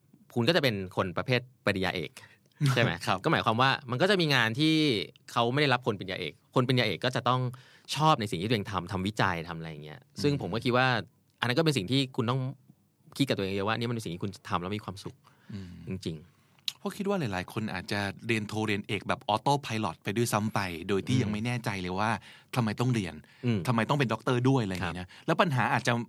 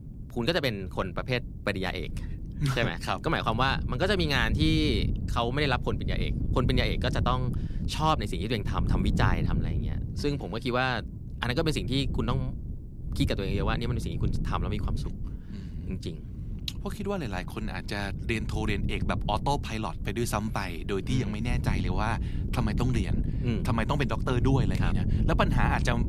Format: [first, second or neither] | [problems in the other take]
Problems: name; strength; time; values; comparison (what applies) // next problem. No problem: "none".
first | wind noise on the microphone; occasional gusts; 15 dB below the speech